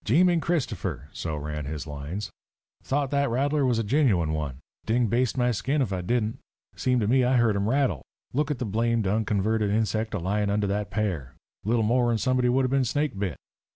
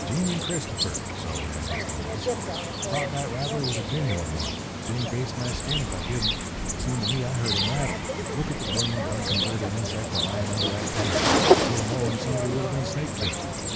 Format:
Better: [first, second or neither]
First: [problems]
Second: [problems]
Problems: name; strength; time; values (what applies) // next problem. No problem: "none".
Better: first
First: none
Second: background sound (Cricket); 3 dB above the speech